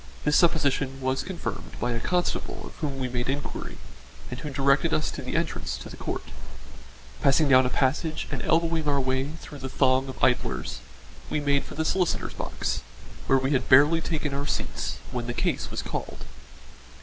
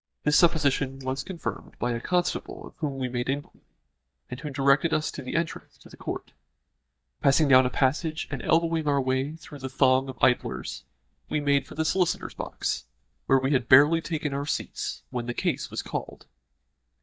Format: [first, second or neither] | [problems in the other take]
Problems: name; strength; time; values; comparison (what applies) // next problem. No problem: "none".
first | noise reduction (neural mask model DeepFilterNet 3)